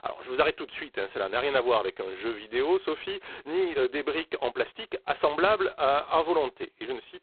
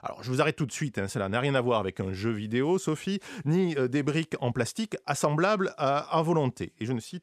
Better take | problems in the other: second | phone-call audio; poor line; nothing above 4 kHz

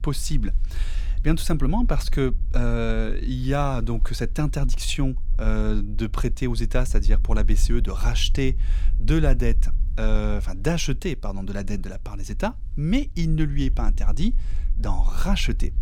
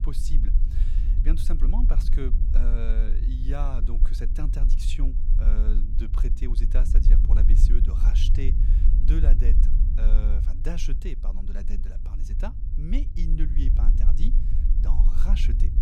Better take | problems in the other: first | low rumble; loud; throughout; 5 dB below the speech; faint in the first

